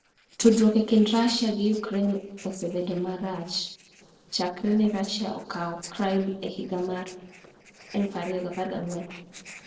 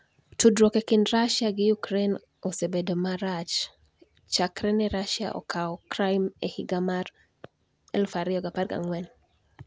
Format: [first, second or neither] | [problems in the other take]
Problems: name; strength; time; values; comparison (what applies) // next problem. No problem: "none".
second | noise reduction (neural separator model SepFormer DNS4)